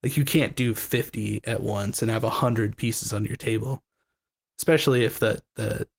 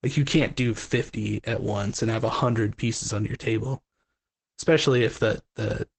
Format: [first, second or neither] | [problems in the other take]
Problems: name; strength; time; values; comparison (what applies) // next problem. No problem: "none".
first | garbled, watery; badly; nothing above 8 kHz; slightly in the first